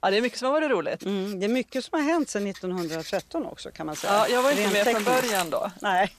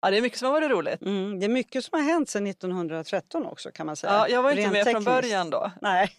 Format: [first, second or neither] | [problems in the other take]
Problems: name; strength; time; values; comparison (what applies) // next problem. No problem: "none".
second | household noises; loud; throughout; 8 dB below the speech